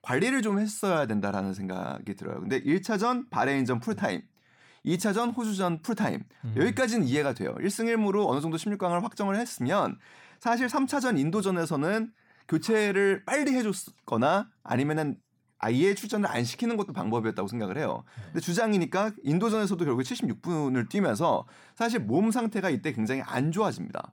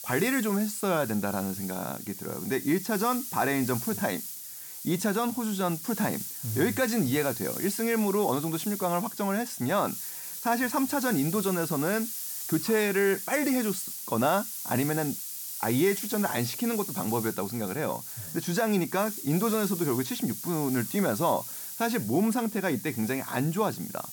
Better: first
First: none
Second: hiss; loud; throughout; 6 dB below the speech

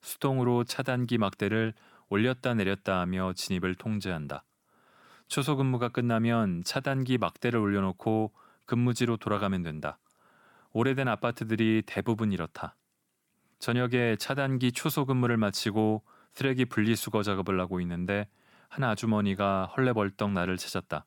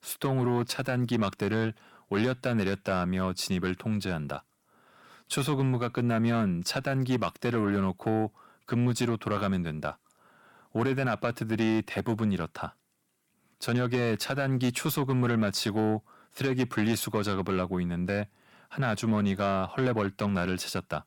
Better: first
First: none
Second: distortion; slight; 10 dB below the speech

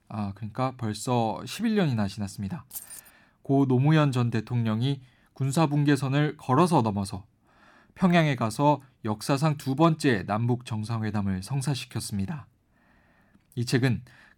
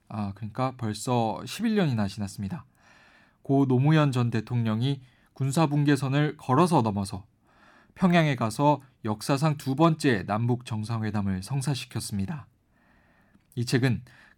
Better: second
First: jangling keys; faint; at 2.5 s; peak 10 dB below the speech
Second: none

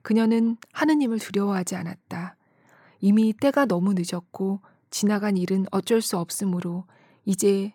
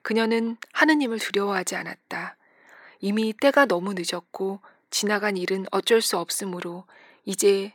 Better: first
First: none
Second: thin; somewhat; fading below 400 Hz

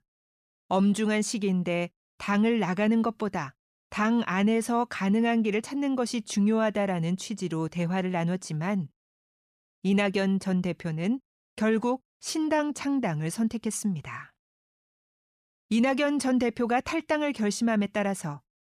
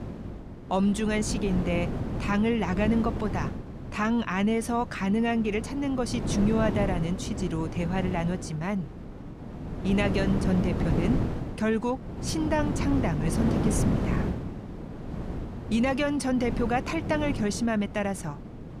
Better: first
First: none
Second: wind noise on the microphone; heavy; 7 dB below the speech

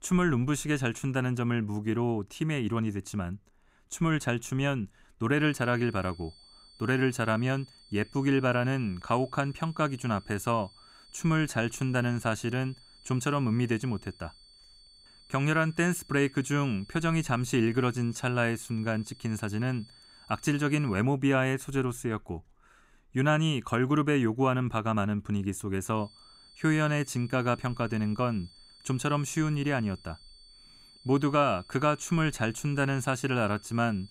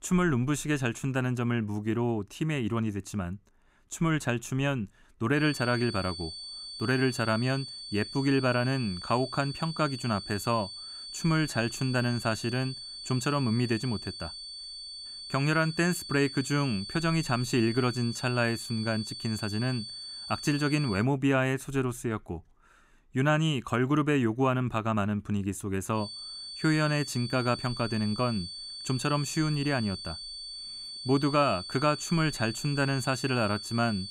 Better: first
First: high-pitched whine; faint; from 5.5 to 21 s and from 26 s on; 4.5 kHz, 25 dB below the speech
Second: high-pitched whine; loud; from 5.5 to 21 s and from 26 s on; 4.5 kHz, 9 dB below the speech

